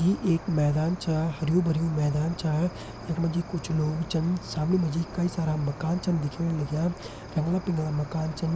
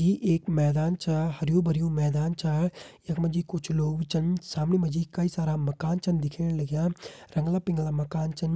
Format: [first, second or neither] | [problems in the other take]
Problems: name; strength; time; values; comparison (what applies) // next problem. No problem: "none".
second | background sound (Cricket); 14 dB below the speech